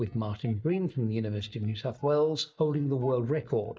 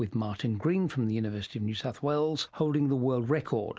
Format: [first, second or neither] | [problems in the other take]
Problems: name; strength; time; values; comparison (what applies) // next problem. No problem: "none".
second | noise reduction (neural mask model DeepFilterNet 3)